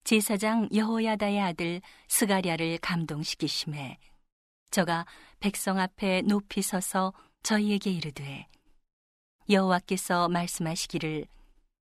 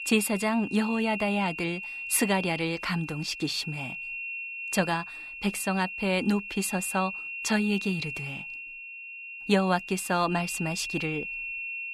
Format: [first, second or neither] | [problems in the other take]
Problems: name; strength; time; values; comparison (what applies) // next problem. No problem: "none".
first | high-pitched whine; loud; throughout; 2.5 kHz, 7 dB below the speech